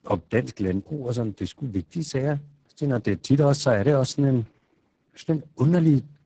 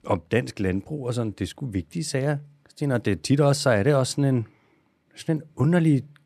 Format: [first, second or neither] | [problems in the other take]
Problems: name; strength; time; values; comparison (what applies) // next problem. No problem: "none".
second | garbled, watery; badly; nothing above 8 kHz